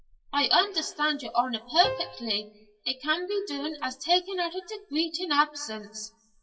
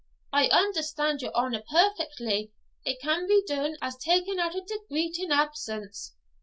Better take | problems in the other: second | noise reduction (classical method WPE with log-MMSE)

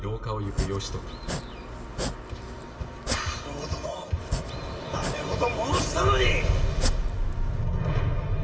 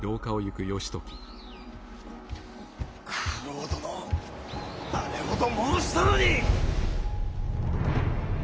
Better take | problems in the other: second | background sound (Domestic sounds, home sounds); 7 dB below the speech // room echo; dies away in 0.7 s

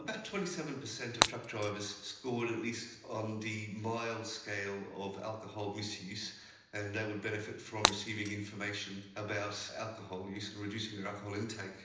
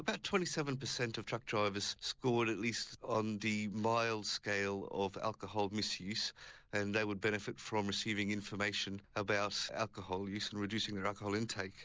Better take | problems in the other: second | background sound (Shatter); 2 dB above the speech // room echo; dies away in 0.9 s

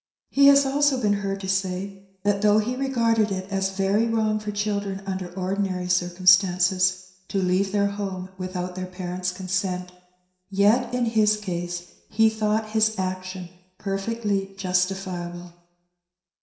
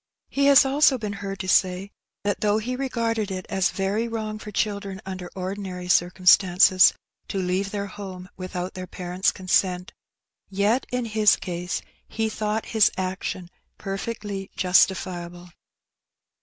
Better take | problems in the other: second | room echo; dies away in 0.7 s

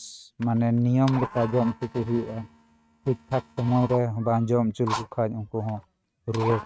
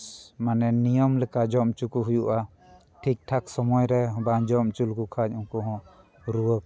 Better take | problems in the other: second | noise reduction (neural mask model RNNoise)

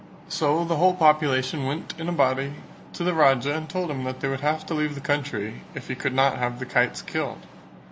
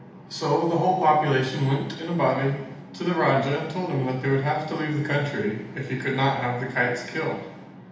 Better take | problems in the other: first | room echo; dies away in 0.8 s

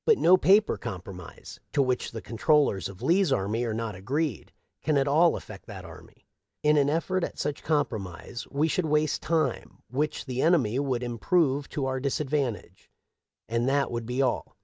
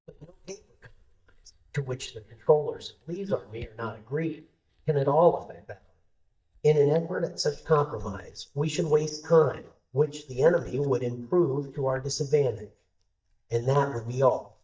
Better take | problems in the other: first | noise reduction (neural mask model DeepFilterNet 3)

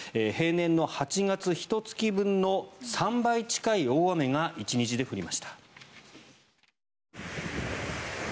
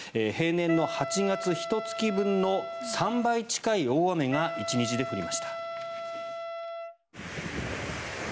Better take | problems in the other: first | background sound (Wind instrument, woodwind instrument); 7 dB below the speech

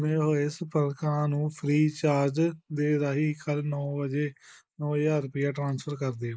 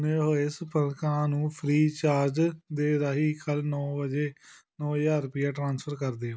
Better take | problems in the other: second | noise reduction (neural mask model Resemble Enhance denoiser)

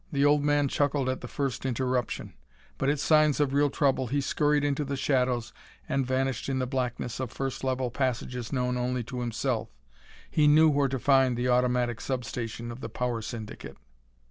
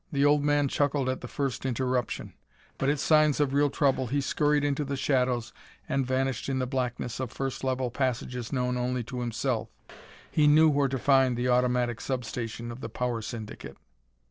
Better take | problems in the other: first | noise reduction (neural separator model SepFormer DNS4)

